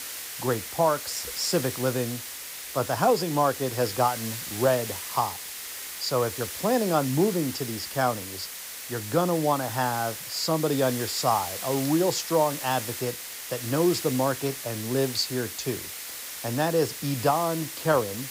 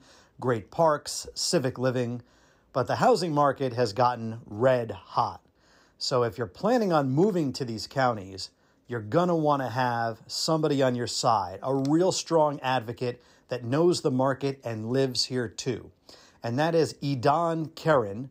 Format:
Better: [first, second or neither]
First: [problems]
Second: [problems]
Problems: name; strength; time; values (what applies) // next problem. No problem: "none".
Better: second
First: hiss; loud; throughout; 7 dB below the speech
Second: none